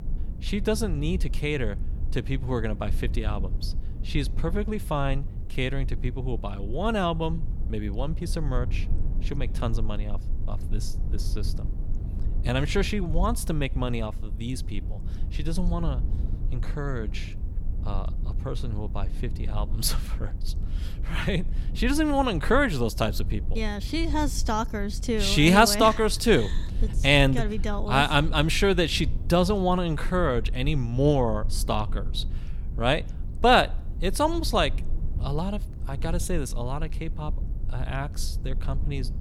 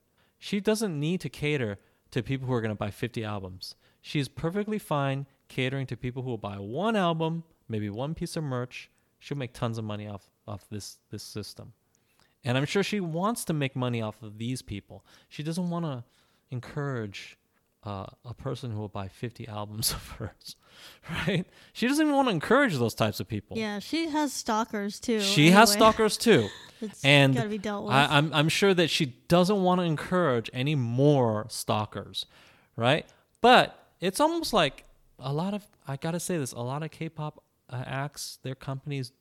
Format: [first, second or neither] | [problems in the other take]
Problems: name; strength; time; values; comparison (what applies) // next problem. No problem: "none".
second | low rumble; faint; throughout; 20 dB below the speech